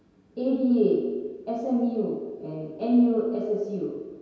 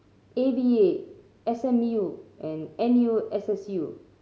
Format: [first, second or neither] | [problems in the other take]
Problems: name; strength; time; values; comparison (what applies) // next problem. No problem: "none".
second | room echo; dies away in 1.2 s